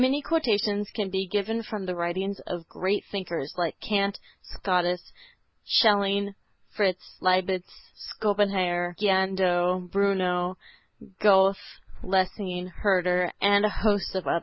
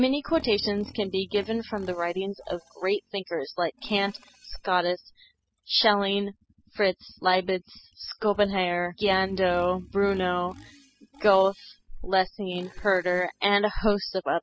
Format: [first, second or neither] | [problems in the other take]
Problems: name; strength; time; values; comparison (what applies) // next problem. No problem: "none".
first | noise reduction (classical method spectral subtraction)